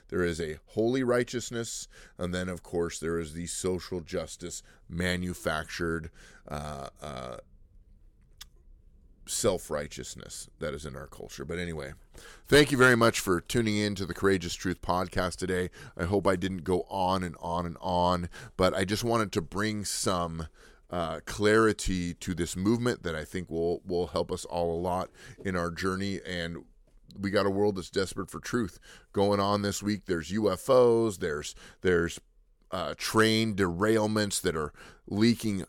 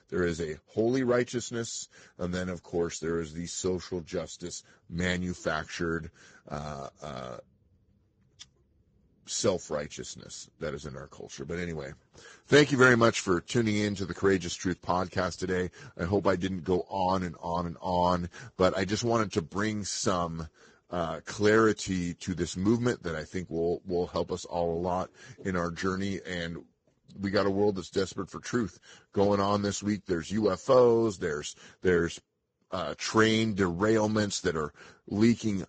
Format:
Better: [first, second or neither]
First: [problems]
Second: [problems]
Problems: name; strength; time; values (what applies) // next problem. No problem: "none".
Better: first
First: none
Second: garbled, watery; badly; nothing above 8 kHz